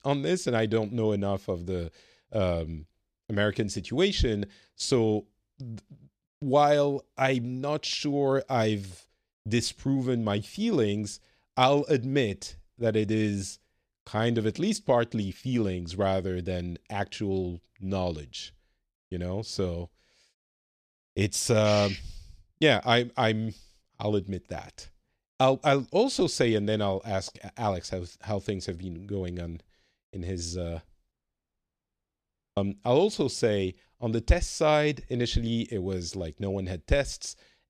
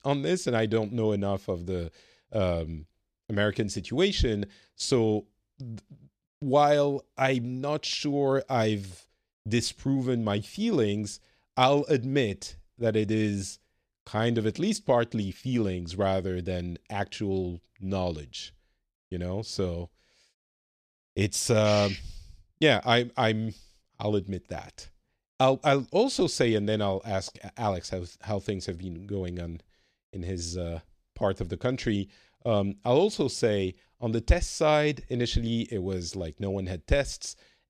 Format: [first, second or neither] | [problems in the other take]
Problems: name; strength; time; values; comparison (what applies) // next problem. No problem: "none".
second | audio cutting out; at 31 s for 1.5 s